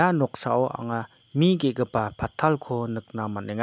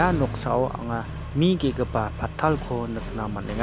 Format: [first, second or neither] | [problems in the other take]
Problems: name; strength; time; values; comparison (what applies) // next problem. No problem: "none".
first | background sound (Accelerating, revving, vroom); 7 dB below the speech